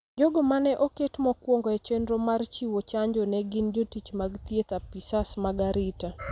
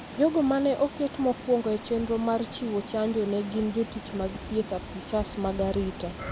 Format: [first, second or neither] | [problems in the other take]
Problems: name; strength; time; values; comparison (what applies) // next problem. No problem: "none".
first | background sound (Water); 13 dB below the speech